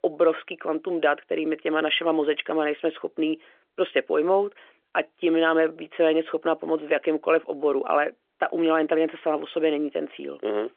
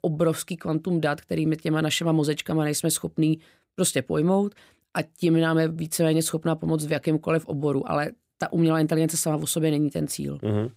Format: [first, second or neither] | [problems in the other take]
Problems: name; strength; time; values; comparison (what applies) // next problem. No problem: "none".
second | phone-call audio; nothing above 3.5 kHz